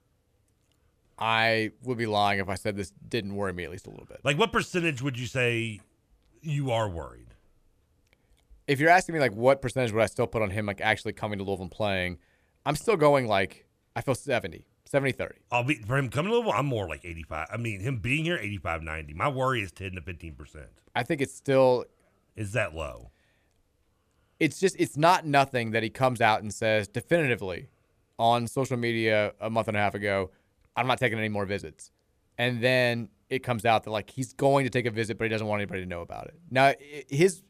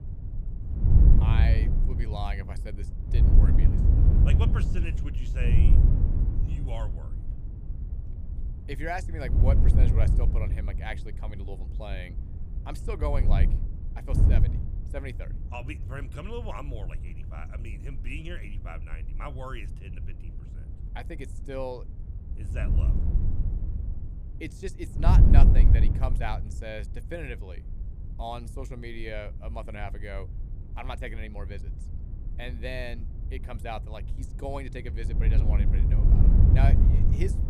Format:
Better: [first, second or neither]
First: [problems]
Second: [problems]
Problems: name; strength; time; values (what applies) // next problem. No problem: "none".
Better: first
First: none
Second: wind noise on the microphone; heavy; 2 dB below the speech